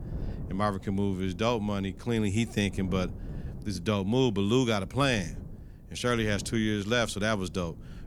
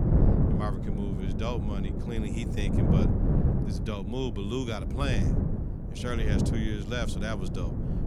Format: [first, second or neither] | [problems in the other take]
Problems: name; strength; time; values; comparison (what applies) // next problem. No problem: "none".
first | wind noise on the microphone; heavy; 1 dB below the speech; occasional gusts in the first